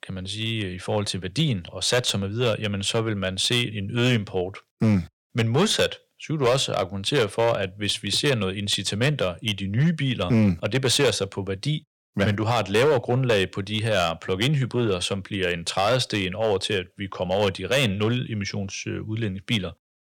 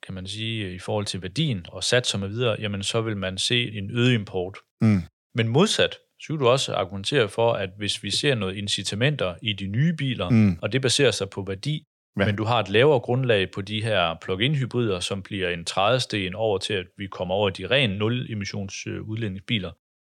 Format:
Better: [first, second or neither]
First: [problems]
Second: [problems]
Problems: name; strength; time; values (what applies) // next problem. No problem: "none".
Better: second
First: distortion; slight; 5% of the sound clipped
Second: none